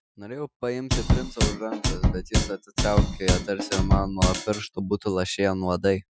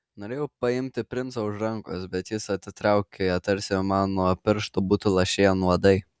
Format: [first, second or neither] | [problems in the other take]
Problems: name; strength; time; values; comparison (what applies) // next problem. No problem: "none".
second | noise reduction (classical method Wiener filter)